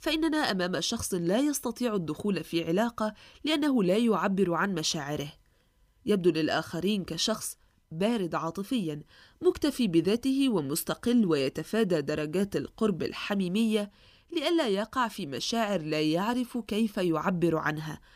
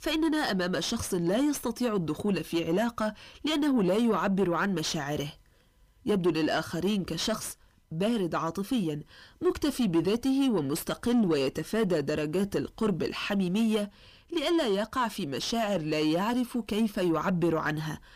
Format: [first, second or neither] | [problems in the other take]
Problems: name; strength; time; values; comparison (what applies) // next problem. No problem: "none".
first | distortion; slight; 10 dB below the speech